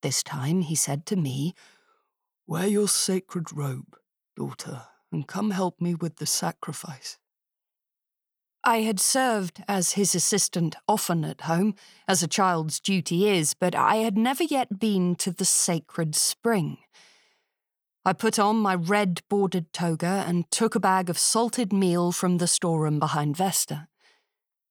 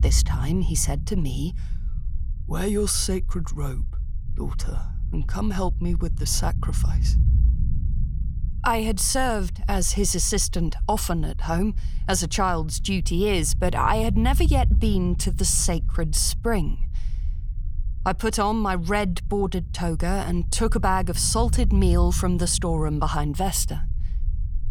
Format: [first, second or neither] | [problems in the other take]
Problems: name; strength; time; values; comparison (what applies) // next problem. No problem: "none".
first | low rumble; faint; throughout; 20 dB below the speech